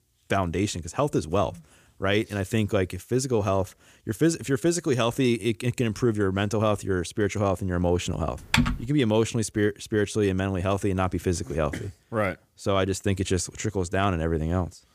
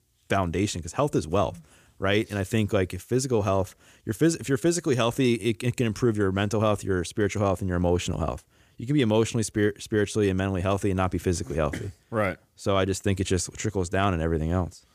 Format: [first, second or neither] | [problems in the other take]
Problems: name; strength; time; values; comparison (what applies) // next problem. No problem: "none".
second | keyboard typing; loud; at 8.5 s; peak 2 dB above the speech